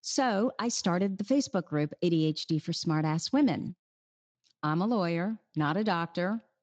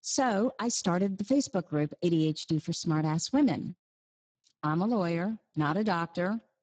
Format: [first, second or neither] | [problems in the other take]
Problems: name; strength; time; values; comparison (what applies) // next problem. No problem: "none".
first | garbled, watery; badly; nothing above 7.5 kHz; slightly in the first